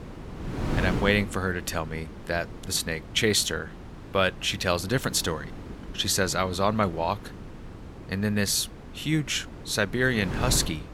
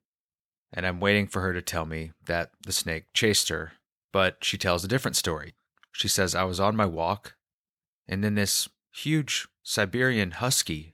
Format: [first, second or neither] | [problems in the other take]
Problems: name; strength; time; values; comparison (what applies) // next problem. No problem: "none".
second | wind noise on the microphone; occasional gusts; 15 dB below the speech